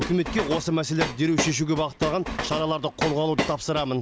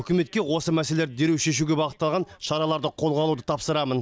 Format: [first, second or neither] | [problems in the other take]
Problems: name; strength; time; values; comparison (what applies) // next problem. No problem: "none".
second | background sound (Train); 6 dB below the speech